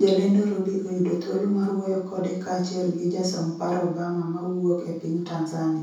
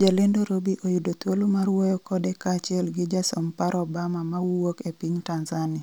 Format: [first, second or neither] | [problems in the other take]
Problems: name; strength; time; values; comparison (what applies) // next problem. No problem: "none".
second | room echo; dies away in 0.6 s